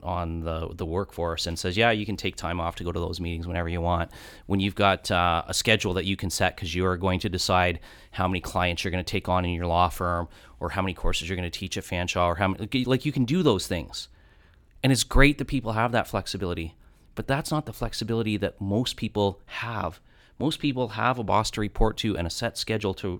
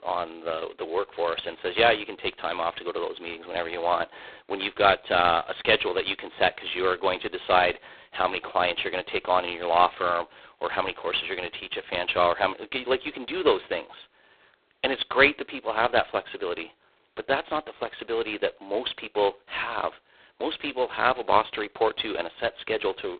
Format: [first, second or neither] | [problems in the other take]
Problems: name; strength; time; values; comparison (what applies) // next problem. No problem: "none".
first | phone-call audio; poor line; nothing above 4 kHz